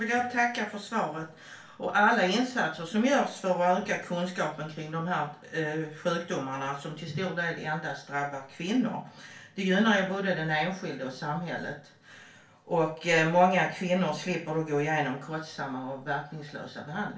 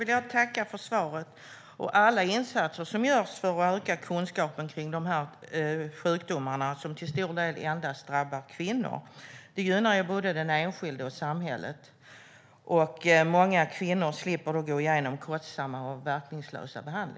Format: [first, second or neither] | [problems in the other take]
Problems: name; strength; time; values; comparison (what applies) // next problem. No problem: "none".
second | room echo; dies away in 0.3 s